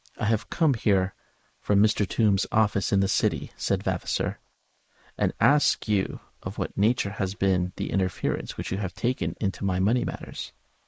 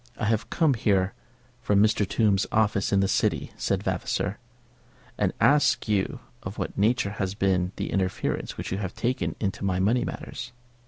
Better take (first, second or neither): second